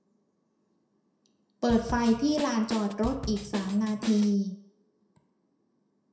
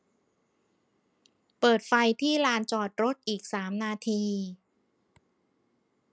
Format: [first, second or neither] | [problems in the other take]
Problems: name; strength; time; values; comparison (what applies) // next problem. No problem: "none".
second | background sound (Drum kit); 9 dB below the speech // room echo; dies away in 0.6 s